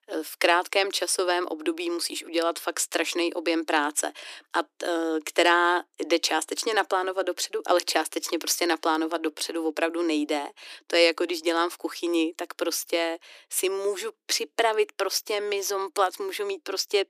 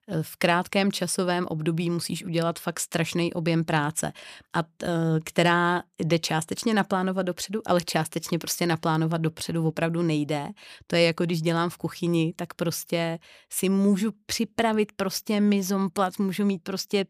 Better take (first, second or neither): second